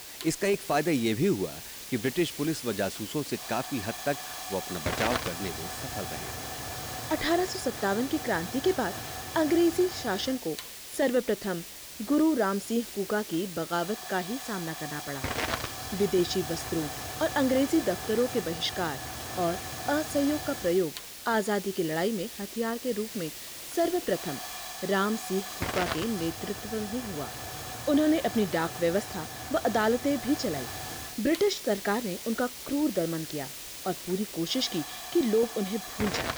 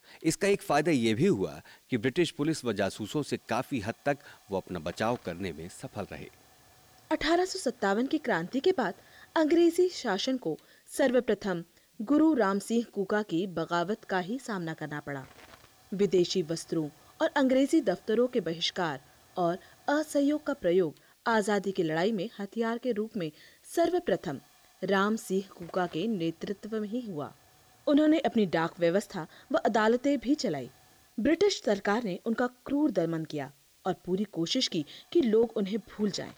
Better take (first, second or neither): second